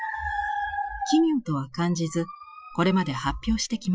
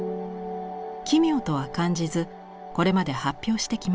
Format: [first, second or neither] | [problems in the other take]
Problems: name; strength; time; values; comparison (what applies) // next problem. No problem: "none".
second | noise reduction (classical method Wiener filter)